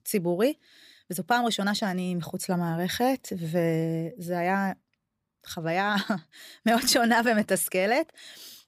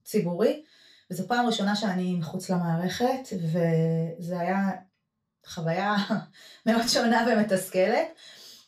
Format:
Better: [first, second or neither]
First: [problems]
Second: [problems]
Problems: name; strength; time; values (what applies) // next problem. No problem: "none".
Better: first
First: none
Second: room echo; slight; dies away in 0.3 s // off-mic speech; far